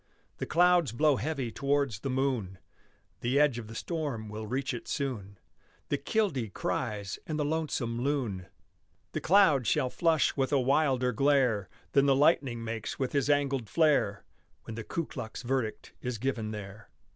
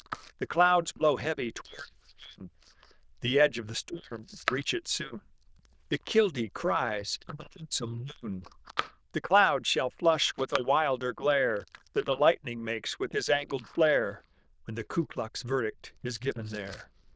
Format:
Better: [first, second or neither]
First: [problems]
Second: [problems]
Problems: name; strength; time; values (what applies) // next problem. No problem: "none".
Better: first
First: none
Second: noise reduction (neural diffusion model UNIVERSE++)